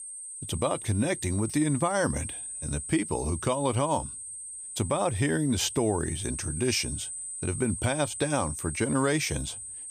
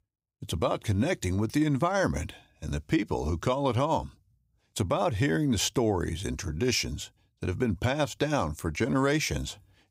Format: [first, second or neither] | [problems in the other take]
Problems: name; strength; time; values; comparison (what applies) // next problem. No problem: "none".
second | high-pitched whine; loud; throughout; 8.5 kHz, 7 dB below the speech